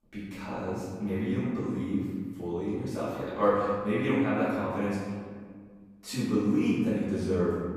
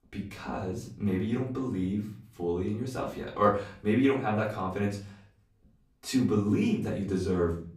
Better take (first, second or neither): second